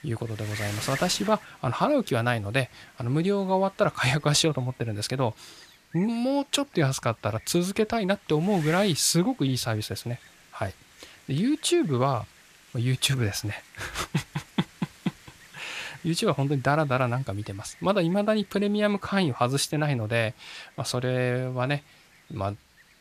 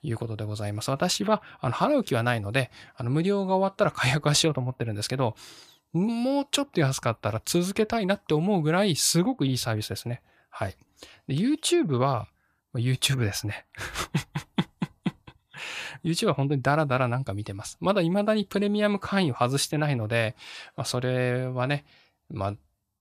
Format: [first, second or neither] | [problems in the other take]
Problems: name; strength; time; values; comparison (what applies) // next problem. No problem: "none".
second | wind noise on the microphone; occasional gusts; 15 dB below the speech